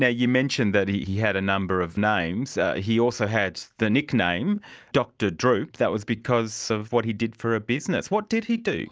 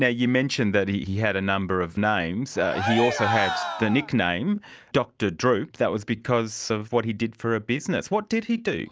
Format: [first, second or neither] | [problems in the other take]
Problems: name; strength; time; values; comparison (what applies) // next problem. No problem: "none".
first | background sound (Cheering); 4 dB below the speech